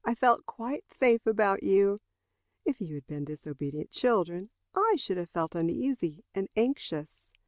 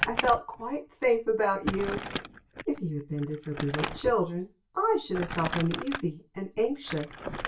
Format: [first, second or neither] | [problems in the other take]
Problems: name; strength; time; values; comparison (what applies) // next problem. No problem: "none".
first | background sound (Crumpling, crinkling); 8 dB below the speech // room echo; dies away in 0.2 s